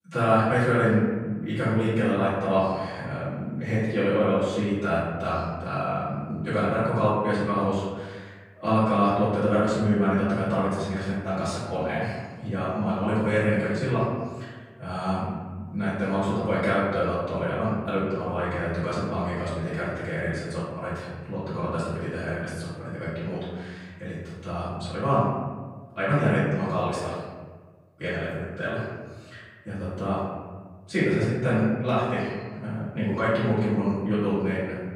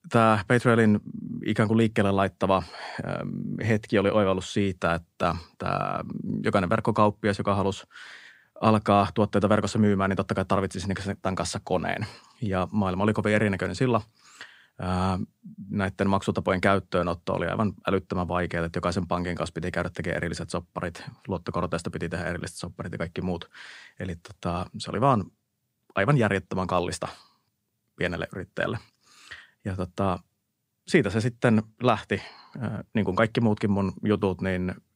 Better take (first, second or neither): second